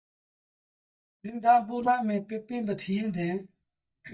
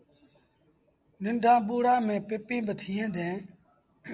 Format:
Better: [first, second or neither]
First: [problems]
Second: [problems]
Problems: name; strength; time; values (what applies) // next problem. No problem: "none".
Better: second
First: noise reduction (neural mask model DeepFilterNet 3)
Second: none